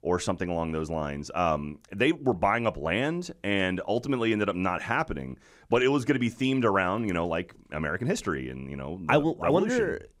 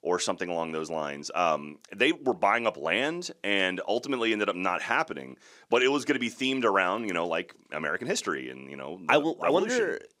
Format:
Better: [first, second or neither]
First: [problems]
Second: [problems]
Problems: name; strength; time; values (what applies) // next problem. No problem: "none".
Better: first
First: none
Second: thin; very slightly; fading below 300 Hz